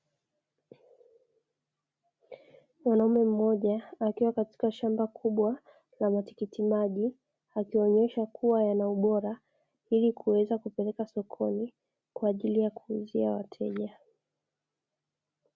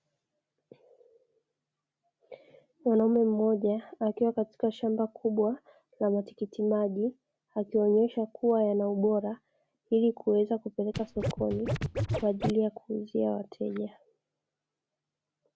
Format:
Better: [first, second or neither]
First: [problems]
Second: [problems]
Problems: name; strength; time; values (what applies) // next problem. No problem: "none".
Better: first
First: none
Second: background sound (Scratching (performance technique)); 3 dB below the speech